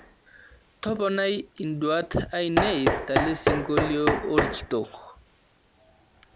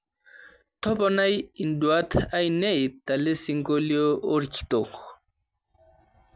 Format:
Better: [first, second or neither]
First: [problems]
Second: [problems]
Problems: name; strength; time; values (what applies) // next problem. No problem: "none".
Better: second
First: background sound (Knock); 1 dB below the speech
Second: none